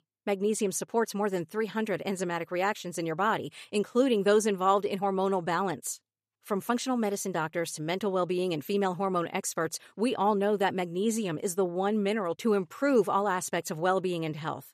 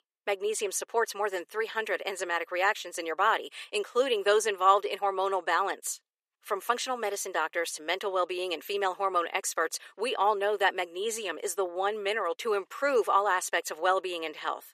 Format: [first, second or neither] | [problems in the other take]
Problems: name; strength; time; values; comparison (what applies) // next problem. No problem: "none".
first | thin; very; fading below 400 Hz